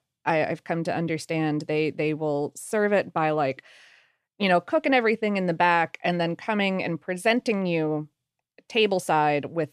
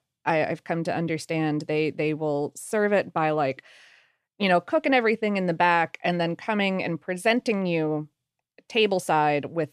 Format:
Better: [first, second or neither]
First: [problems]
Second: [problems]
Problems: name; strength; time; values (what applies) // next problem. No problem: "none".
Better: neither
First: none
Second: none